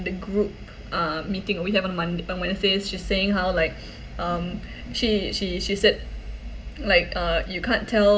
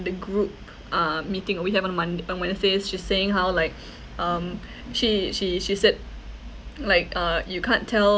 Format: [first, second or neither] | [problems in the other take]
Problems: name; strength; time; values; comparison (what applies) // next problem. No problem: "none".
second | room echo; dies away in 0.4 s